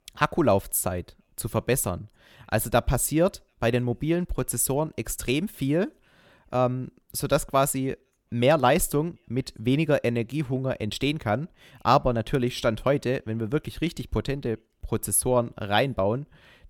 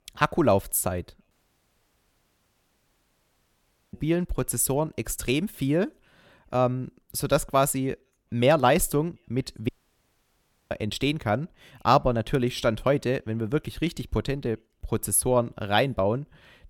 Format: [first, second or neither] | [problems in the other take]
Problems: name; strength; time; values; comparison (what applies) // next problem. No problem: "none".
first | audio cutting out; at 1.5 s for 2.5 s and at 9.5 s for 1 s